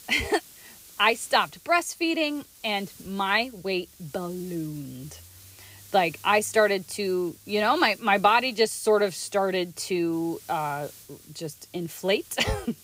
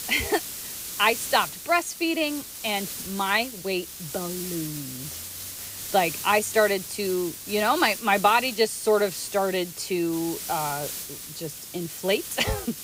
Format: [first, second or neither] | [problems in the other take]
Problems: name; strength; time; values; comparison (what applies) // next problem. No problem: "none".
first | hiss; loud; throughout; 9 dB below the speech; faint in the first